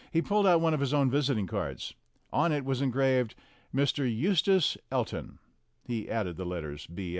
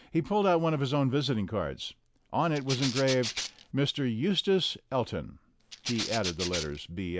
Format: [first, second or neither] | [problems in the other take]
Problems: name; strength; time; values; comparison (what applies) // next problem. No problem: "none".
first | background sound (Rattle (instrument)); 7 dB below the speech